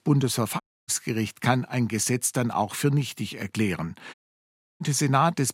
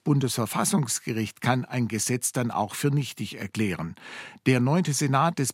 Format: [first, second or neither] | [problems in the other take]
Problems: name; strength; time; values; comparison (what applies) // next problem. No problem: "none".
second | audio cutting out; at 0.5 s and at 4 s for 0.5 s